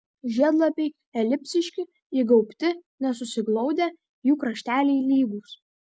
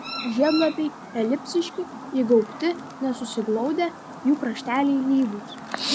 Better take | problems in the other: first | background sound (Chirp, tweet); 11 dB below the speech

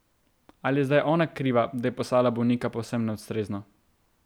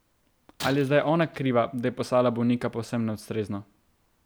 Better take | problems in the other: first | background sound (Shatter); 18 dB below the speech

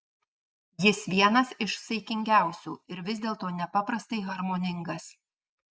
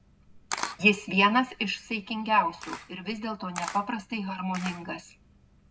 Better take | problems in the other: first | background sound (Camera); 13 dB below the speech // room echo; dies away in 0.2 s

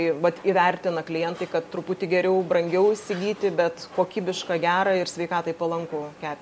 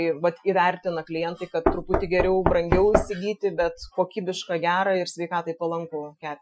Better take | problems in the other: first | noise reduction (classical method Wiener filter)

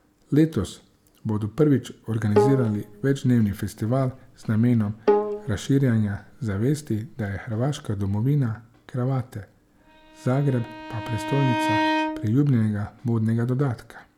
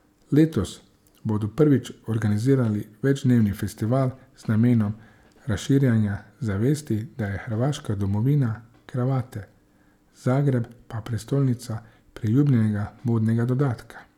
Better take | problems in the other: second | background sound (Bowed string instrument + Bowed string instrument); 4 dB below the speech

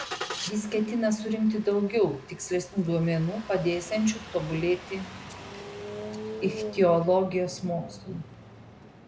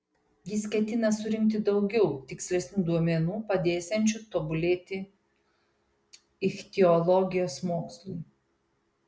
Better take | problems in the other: second | background sound (Engine starting); 12 dB below the speech

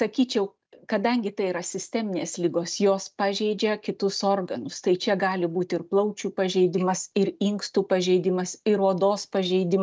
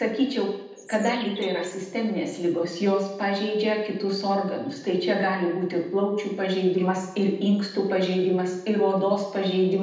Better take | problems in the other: first | background sound (Bird); 18 dB below the speech // room echo; dies away in 0.8 s

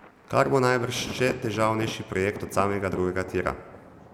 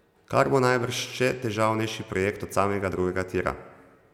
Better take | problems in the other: second | background sound (Thunder); 14 dB below the speech

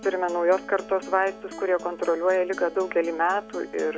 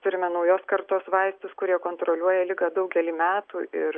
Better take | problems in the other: second | background sound (Acoustic guitar); 17 dB below the speech

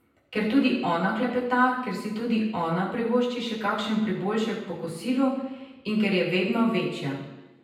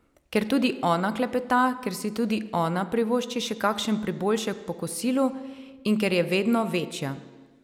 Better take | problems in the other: second | room echo; dies away in 0.9 s

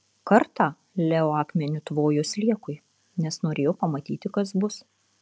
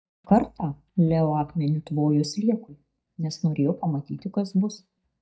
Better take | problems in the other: first | noise reduction (neural mask model DeepFilterNet 3)

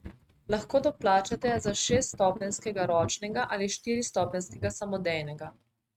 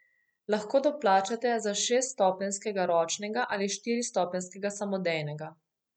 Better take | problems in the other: second | noise reduction (neural mask model RNNoise)

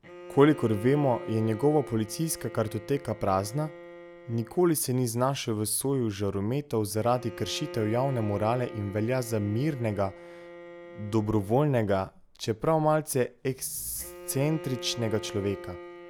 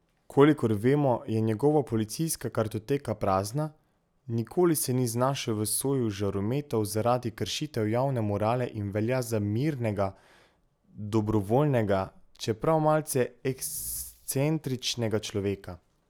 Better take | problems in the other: second | background sound (Bowed string instrument); 16 dB below the speech

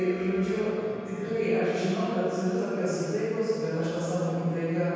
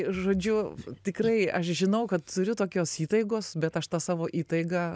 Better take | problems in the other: second | background sound (Wind instrument, woodwind instrument); 19 dB below the speech // room echo; dies away in 2.2 s

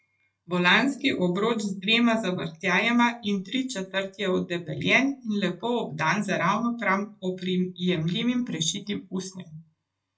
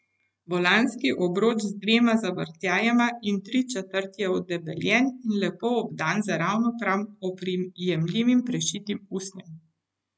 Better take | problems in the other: second | room echo; dies away in 0.2 s

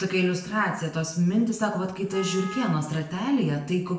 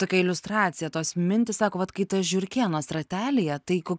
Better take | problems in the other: second | background sound (Wind instrument, woodwind instrument); 15 dB below the speech // room echo; dies away in 0.7 s

